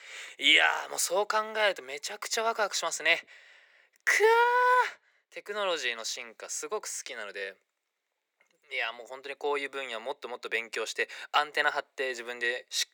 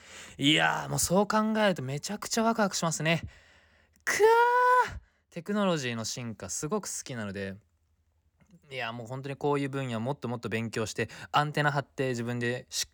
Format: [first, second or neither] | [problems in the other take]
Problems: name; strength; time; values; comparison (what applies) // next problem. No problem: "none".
second | thin; very; fading below 400 Hz